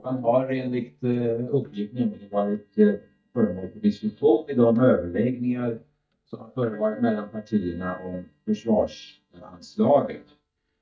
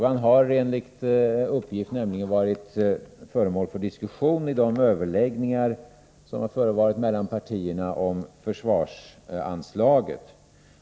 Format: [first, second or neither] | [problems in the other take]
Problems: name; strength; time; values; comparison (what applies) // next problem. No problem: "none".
second | noise reduction (neural mask model DeepFilterNet 3)